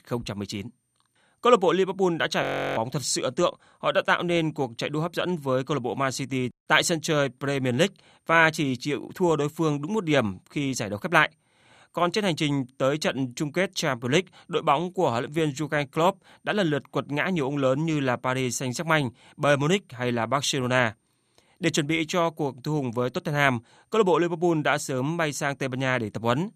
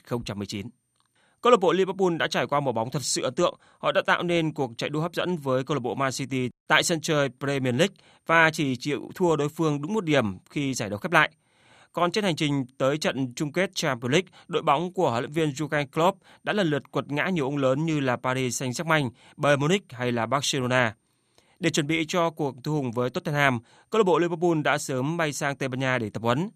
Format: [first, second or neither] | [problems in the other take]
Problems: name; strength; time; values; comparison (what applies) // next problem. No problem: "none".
second | audio freezing; at 2.5 s